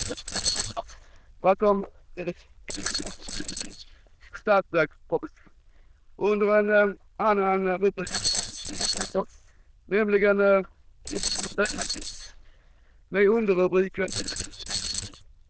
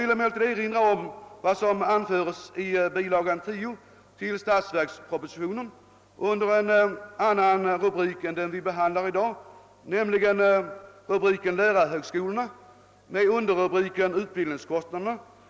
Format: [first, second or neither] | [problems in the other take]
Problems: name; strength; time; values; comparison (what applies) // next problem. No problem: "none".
second | noise reduction (neural diffusion model UNIVERSE++)